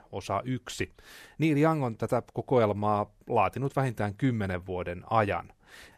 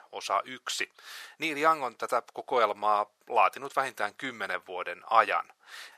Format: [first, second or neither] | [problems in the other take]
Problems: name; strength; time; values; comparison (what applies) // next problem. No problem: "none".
first | thin; very; fading below 700 Hz